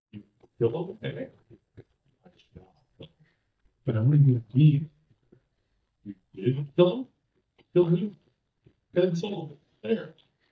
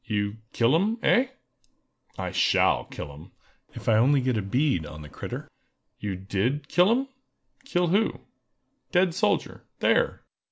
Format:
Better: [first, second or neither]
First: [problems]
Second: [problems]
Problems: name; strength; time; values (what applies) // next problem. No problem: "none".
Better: second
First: noise reduction (neural mask model DeepFilterNet 3)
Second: none